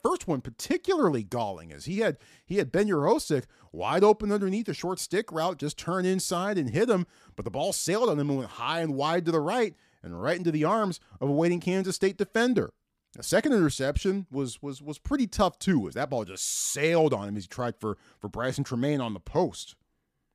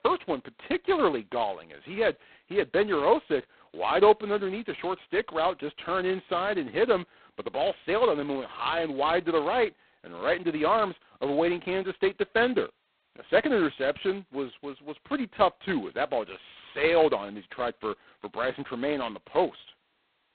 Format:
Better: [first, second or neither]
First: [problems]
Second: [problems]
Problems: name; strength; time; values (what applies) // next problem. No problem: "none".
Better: first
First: none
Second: phone-call audio; poor line; nothing above 4 kHz